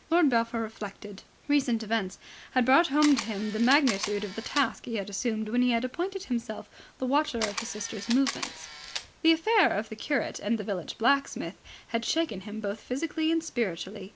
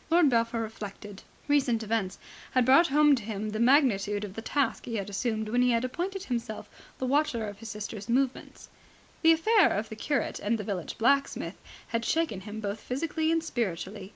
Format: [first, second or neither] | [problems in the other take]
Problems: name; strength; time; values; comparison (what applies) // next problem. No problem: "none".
second | background sound (Camera); 9 dB below the speech